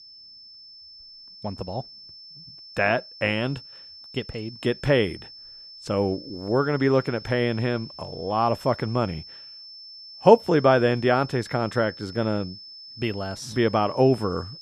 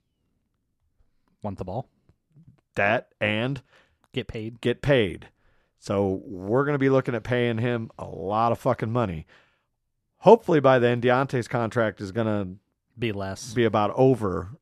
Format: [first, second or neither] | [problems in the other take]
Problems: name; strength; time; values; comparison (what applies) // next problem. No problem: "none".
second | high-pitched whine; noticeable; throughout; 5.5 kHz, 15 dB below the speech